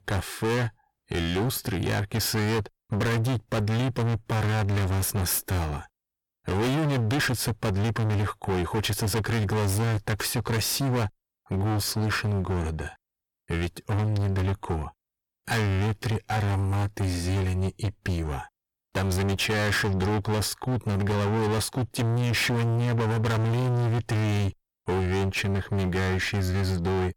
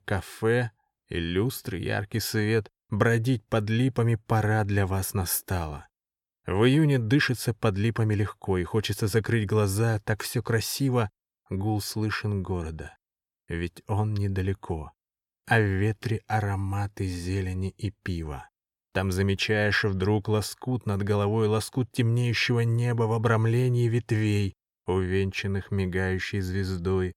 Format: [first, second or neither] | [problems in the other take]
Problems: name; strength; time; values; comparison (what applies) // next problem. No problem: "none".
second | distortion; heavy; 39% of the sound clipped